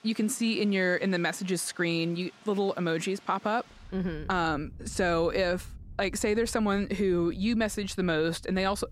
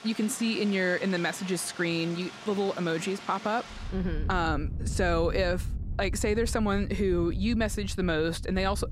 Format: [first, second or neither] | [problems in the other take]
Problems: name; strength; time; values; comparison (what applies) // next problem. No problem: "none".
first | rain or running water; loud; throughout; 9 dB below the speech; faint in the first